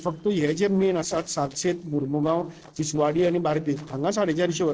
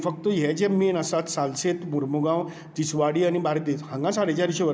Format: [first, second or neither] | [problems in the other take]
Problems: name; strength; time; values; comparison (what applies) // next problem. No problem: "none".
second | noise reduction (neural separator model SepFormer DNS4)